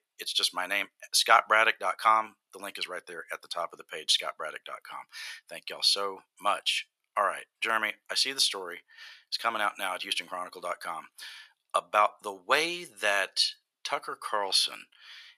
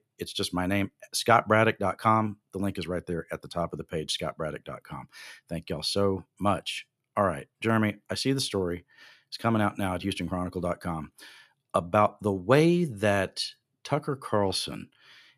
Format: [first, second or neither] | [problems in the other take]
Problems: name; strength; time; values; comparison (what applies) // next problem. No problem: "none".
second | thin; very; fading below 950 Hz